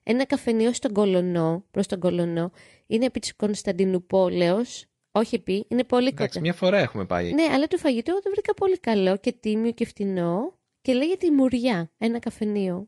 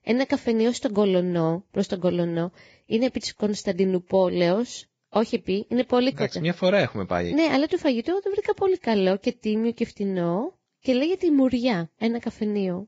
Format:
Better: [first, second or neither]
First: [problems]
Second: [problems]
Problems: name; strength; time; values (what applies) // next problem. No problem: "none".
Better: first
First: garbled, watery; slightly; nothing above 10.5 kHz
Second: garbled, watery; badly; nothing above 7.5 kHz